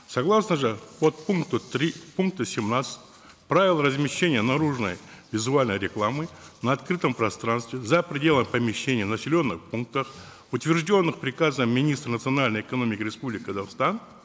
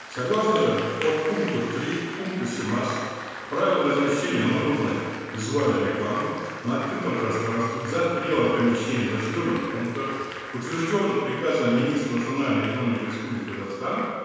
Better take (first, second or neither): first